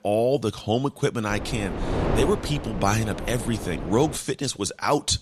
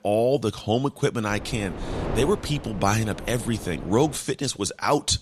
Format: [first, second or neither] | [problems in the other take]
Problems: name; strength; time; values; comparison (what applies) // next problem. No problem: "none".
second | wind noise on the microphone; heavy; from 1.5 to 4 s; 7 dB below the speech; occasional gusts in the second